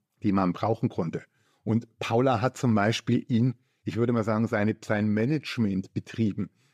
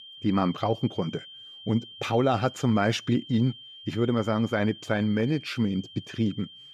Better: first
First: none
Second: high-pitched whine; noticeable; throughout; 3 kHz, 15 dB below the speech

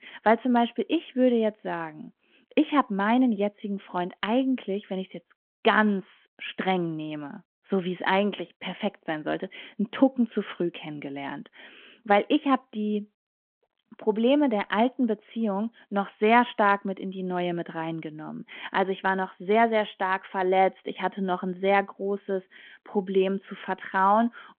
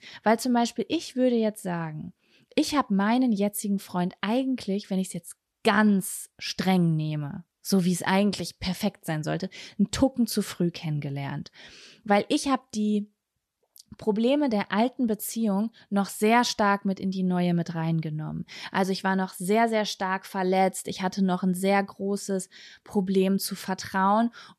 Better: second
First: phone-call audio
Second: none

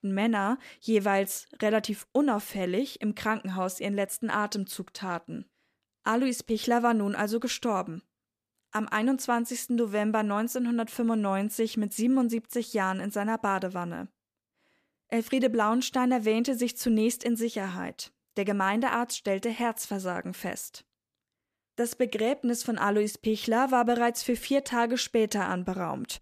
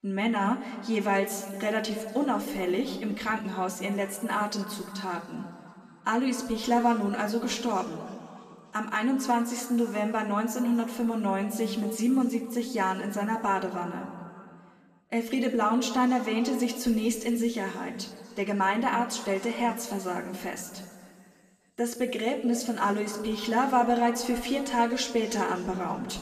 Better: first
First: none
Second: room echo; slight; dies away in 2.2 s // off-mic speech; far

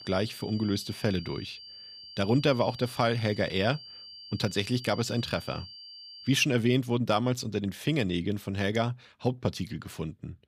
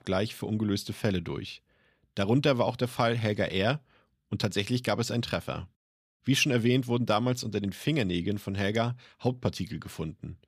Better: second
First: high-pitched whine; noticeable; until 6.5 s; 4.5 kHz, 15 dB below the speech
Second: none

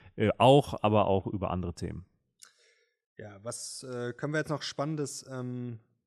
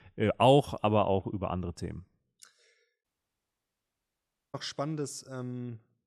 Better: first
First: none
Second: audio cutting out; at 3 s for 1.5 s

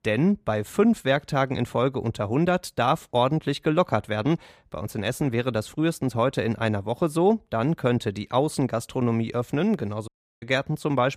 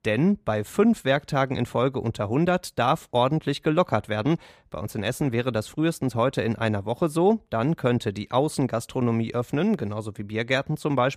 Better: second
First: audio cutting out; at 10 s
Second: none

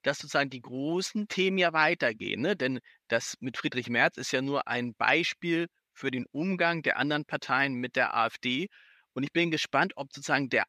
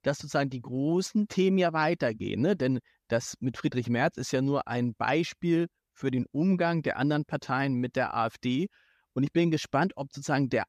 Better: second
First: thin; very slightly; fading below 600 Hz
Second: none

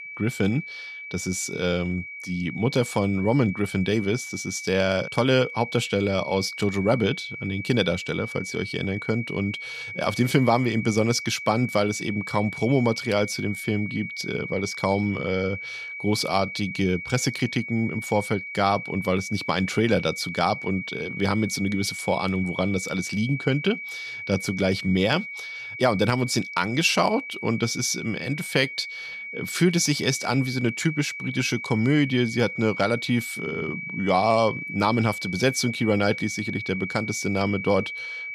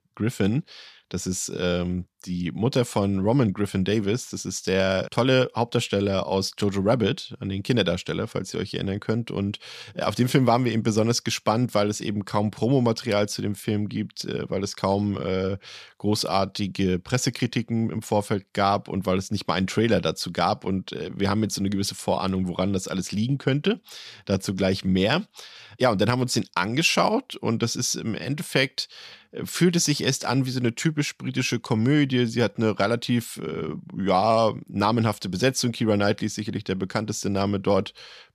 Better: second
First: high-pitched whine; loud; throughout; 2.5 kHz, 8 dB below the speech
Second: none

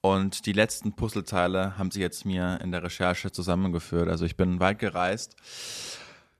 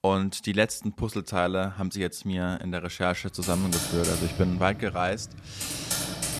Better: first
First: none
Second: keyboard typing; loud; from 3.5 s on; peak level with the speech

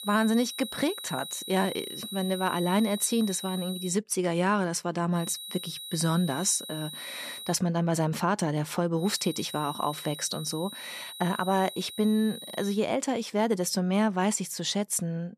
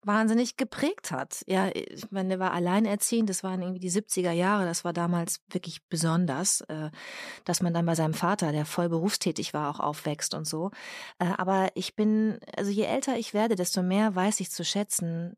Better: second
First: high-pitched whine; loud; until 4 s, from 5 to 7.5 s and from 9 to 13 s; 4 kHz, 10 dB below the speech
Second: none

